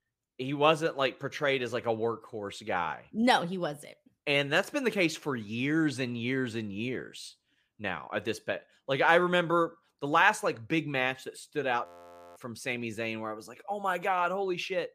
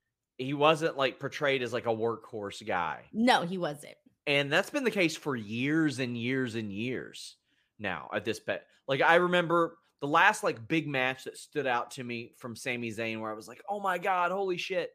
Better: second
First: audio freezing; at 12 s for 0.5 s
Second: none

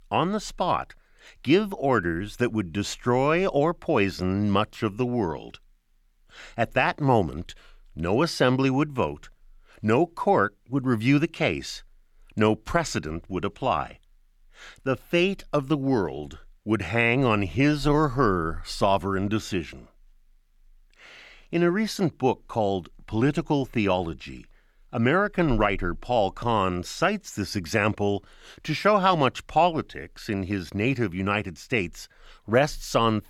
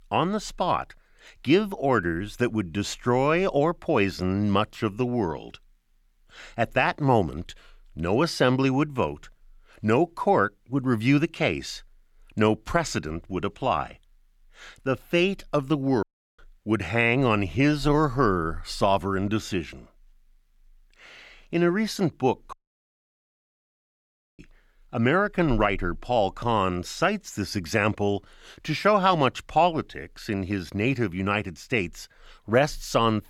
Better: first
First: none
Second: audio cutting out; at 16 s and at 23 s for 2 s

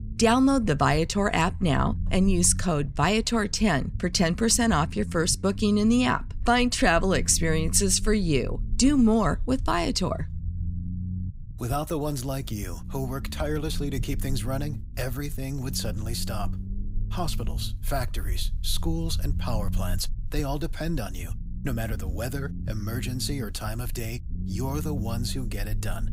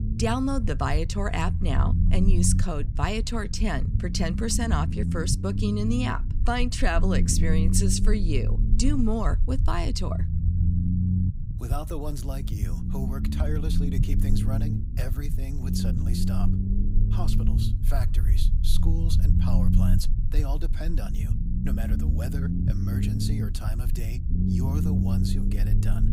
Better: first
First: low rumble; faint; throughout; 20 dB below the speech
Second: low rumble; loud; throughout; 6 dB below the speech

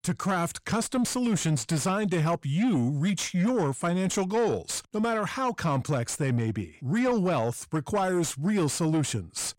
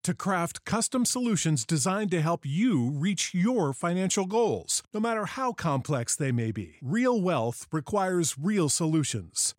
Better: second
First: distortion; slight; 10 dB below the speech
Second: none

